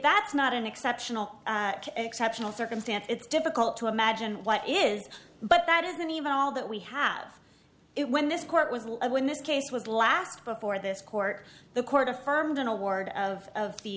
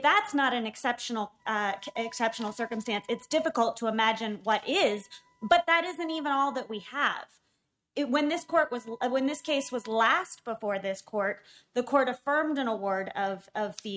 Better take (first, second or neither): first